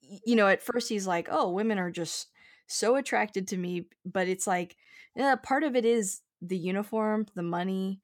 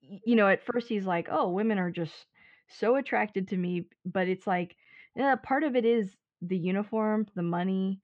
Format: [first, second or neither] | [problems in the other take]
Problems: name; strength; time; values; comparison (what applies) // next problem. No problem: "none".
first | muffled; very; fading above 3 kHz